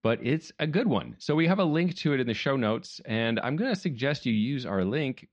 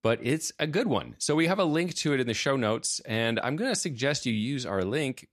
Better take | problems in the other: second | muffled; slightly; fading above 4 kHz

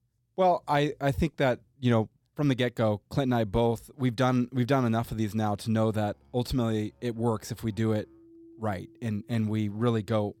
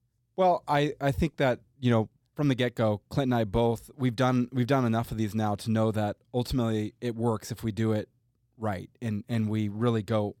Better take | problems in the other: second | background music; faint; from 5.5 s on; 30 dB below the speech

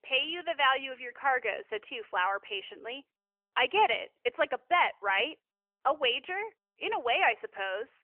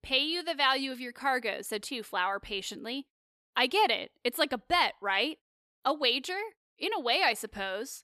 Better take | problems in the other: second | phone-call audio; nothing above 3 kHz

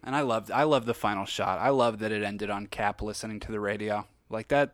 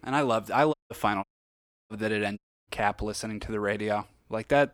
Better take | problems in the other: first | audio cutting out; at 0.5 s, at 1 s for 0.5 s and at 2.5 s

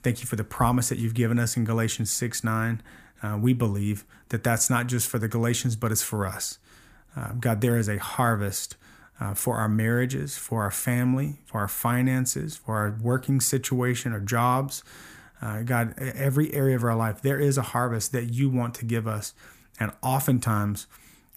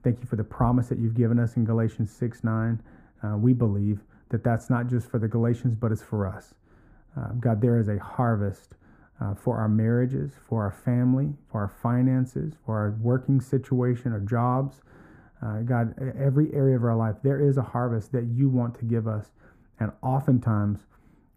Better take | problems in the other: first | muffled; very; fading above 1.5 kHz

